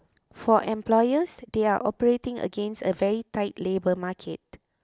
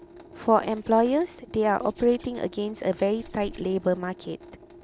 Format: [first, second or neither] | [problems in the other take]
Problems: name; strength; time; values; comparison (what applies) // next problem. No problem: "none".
first | background sound (Hands + Drip / Sink (filling or washing) / Water tap, faucet); 19 dB below the speech